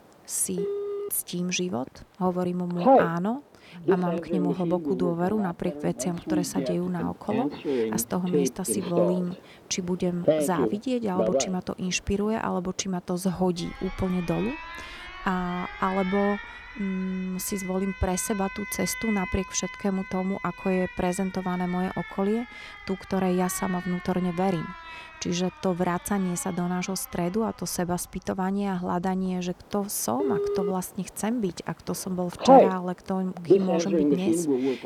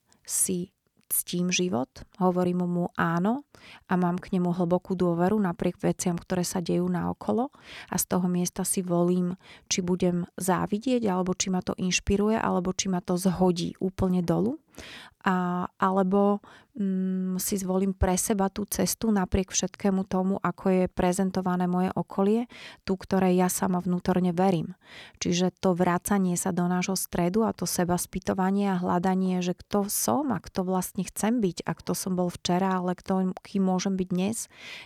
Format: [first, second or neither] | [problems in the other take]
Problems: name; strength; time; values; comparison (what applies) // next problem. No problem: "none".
second | alarms or sirens; very loud; throughout; as loud as the speech